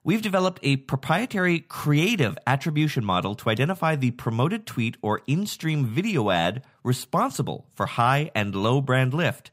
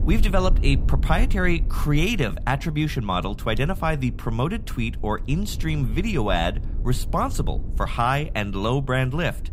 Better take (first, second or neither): first